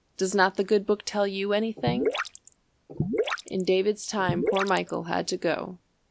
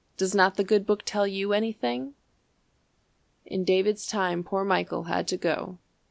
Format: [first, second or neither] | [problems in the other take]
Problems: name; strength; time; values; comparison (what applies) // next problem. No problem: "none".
second | background sound (Gurgling / Liquid); 3 dB below the speech